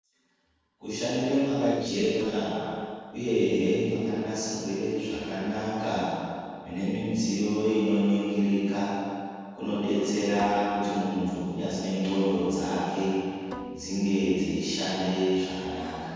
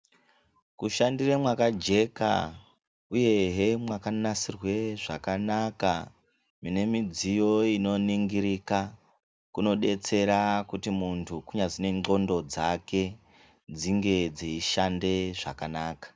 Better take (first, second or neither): second